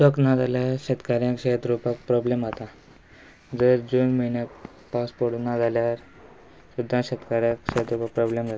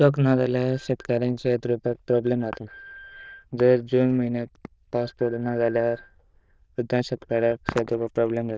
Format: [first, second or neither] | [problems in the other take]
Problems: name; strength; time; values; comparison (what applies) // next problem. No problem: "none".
first | noise reduction (neural diffusion model UNIVERSE++)